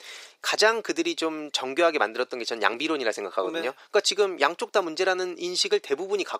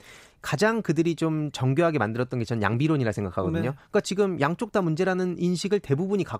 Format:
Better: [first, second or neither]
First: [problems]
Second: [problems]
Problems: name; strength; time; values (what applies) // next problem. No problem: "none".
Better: second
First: thin; very; fading below 400 Hz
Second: none